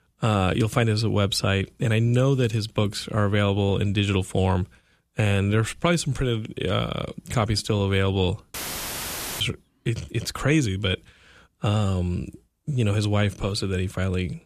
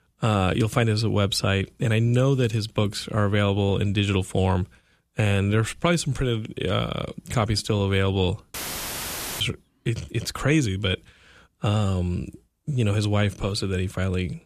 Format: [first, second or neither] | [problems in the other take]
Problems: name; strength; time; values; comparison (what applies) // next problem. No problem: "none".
neither | audio cutting out; filled with static; at 8.5 s for 1 s; the same in both